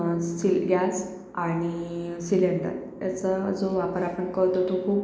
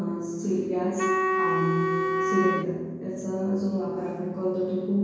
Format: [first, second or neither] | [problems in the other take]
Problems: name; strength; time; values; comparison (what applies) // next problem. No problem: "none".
first | background sound (Wind instrument, woodwind instrument); 1 dB above the speech // room echo; dies away in 1 s